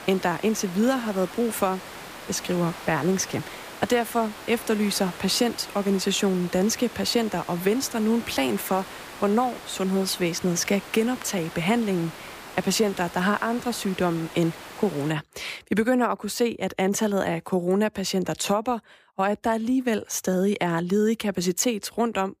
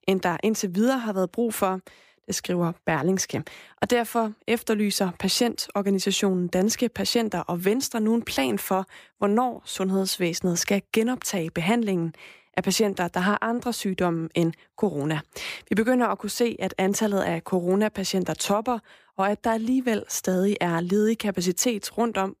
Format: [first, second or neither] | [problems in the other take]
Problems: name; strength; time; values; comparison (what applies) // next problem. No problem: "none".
second | hiss; noticeable; until 15 s; 15 dB below the speech